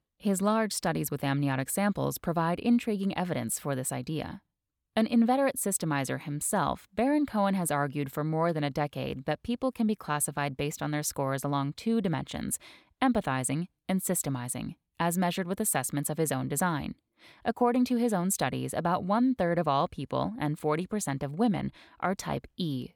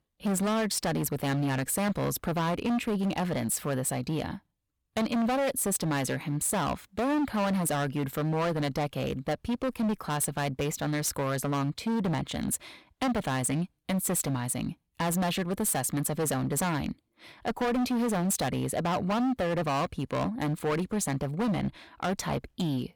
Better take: first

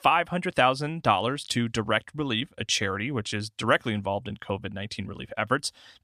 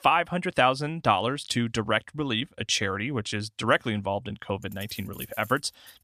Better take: first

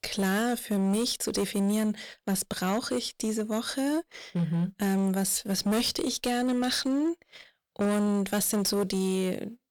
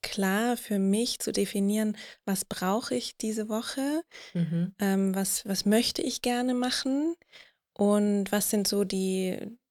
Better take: second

